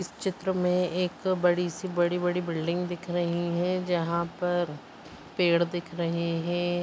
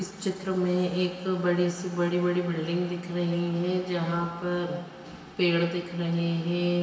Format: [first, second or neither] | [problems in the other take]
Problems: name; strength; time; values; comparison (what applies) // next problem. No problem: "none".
first | room echo; dies away in 1.4 s